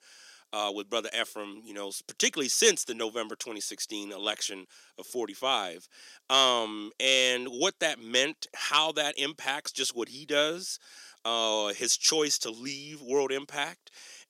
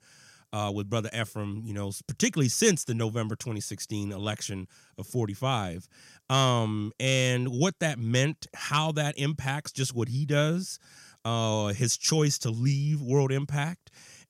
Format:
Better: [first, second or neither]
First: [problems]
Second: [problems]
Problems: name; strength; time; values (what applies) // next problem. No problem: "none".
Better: second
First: thin; very; fading below 300 Hz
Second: none